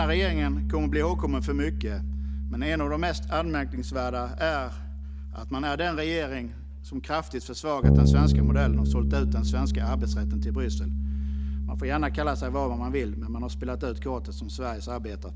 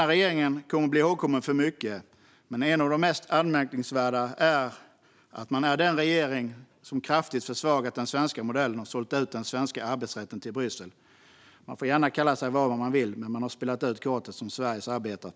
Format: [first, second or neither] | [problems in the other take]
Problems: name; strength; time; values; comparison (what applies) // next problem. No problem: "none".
second | background sound (Bass guitar); 4 dB above the speech